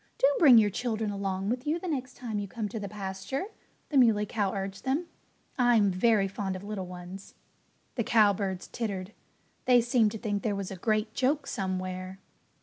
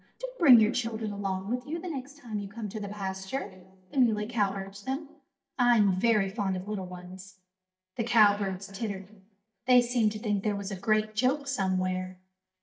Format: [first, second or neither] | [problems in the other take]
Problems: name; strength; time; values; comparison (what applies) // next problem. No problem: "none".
first | noise reduction (neural mask model DeepFilterNet 3)